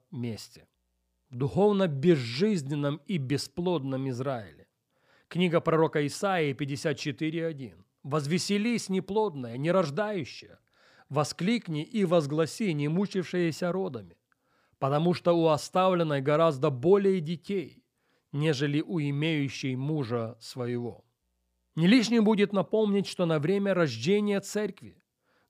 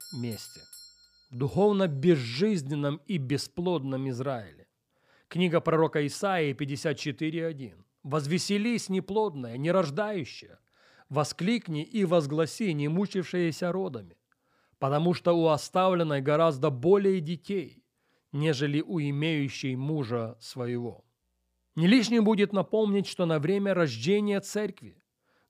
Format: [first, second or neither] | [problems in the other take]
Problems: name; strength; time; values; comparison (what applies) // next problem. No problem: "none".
first | doorbell; faint; until 1.5 s; peak 15 dB below the speech